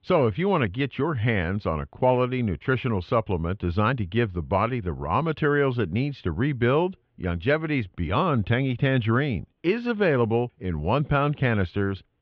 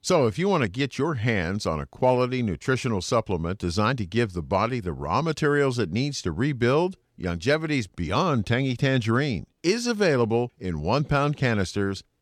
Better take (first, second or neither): second